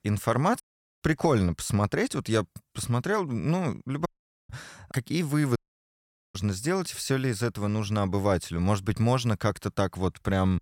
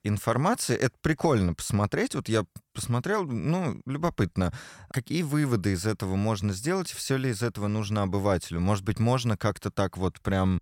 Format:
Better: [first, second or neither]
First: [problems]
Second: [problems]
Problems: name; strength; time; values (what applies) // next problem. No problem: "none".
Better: second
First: audio cutting out; at 0.5 s, at 4 s and at 5.5 s for 1 s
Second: none